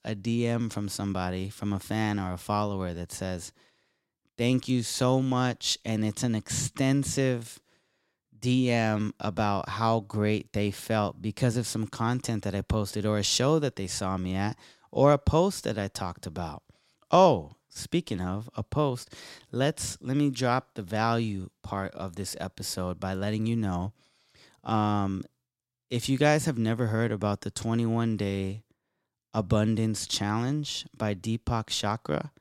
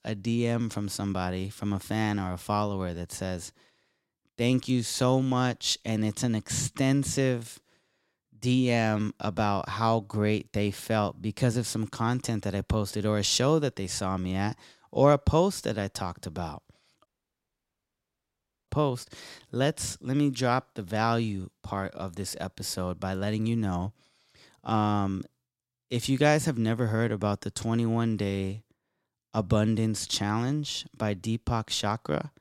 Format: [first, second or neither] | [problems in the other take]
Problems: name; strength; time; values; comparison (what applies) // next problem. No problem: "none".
first | audio cutting out; at 17 s for 1.5 s